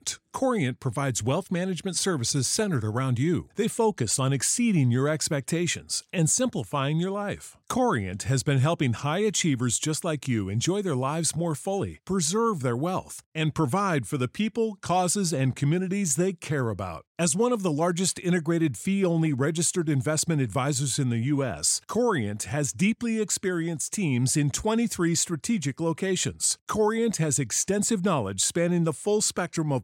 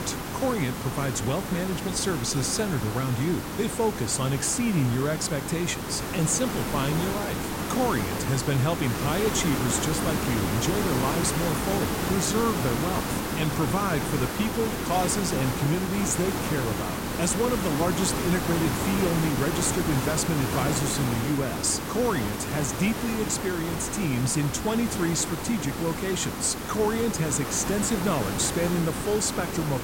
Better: first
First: none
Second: hiss; loud; throughout; 2 dB below the speech

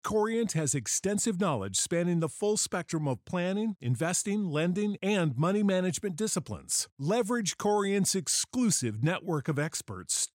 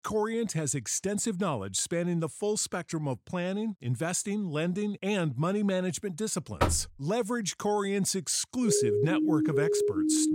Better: first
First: none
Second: door banging; loud; at 6.5 s; peak level with the speech // siren; loud; from 8.5 s on; peak 3 dB above the speech

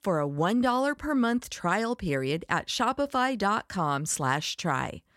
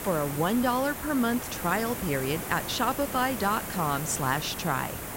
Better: first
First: none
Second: hiss; loud; throughout; 6 dB below the speech

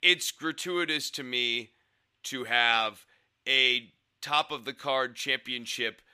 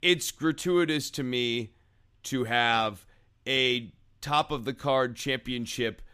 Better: second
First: thin; somewhat; fading below 600 Hz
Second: none

